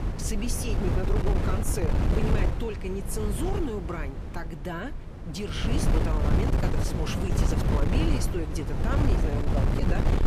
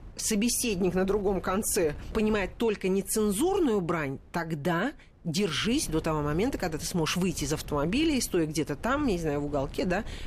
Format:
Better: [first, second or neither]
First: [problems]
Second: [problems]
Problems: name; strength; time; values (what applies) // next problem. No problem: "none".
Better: second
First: wind noise on the microphone; heavy; as loud as the speech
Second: wind noise on the microphone; occasional gusts; 25 dB below the speech